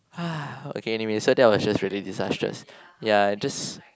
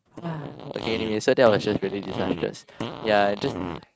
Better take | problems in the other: first | noise reduction (neural mask model RNNoise)

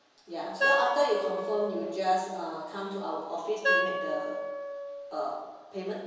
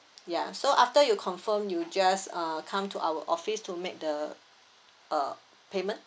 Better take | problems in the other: second | background sound (Wind instrument, woodwind instrument); as loud as the speech // room echo; dies away in 1.2 s

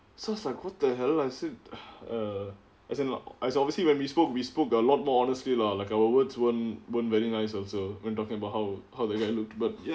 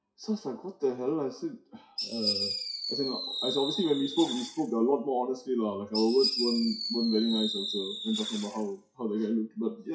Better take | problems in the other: first | noise reduction (classical method WPE with log-MMSE)

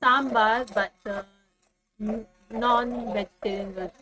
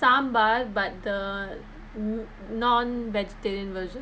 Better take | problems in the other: second | noise reduction (neural mask model RNNoise)

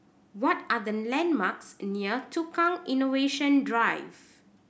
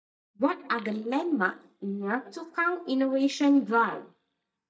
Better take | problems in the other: first | noise reduction (neural mask model DeepFilterNet 3)

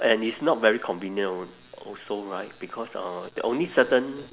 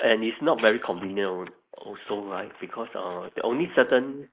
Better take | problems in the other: first | noise reduction (neural mask model Resemble Enhance denoiser)

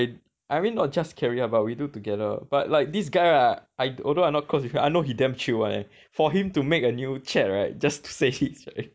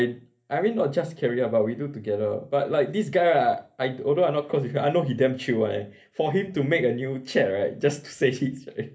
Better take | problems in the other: first | room echo; dies away in 0.3 s

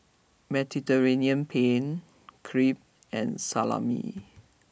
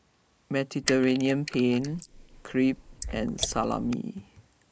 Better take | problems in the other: first | noise reduction (neural mask model Resemble Enhance denoiser)

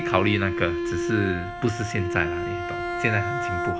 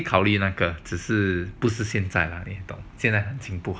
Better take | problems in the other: second | background sound (Bowed string instrument); 2 dB below the speech

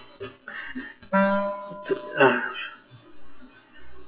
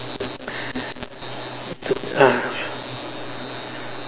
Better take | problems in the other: second | noise reduction (classical method WPE with log-MMSE)

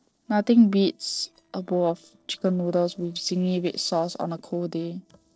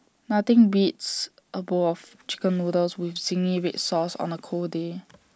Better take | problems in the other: second | noise reduction (neural separator model SepFormer DNS4)

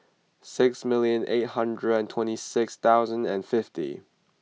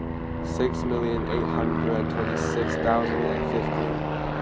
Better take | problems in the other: first | background sound (Aircraft); 3 dB above the speech

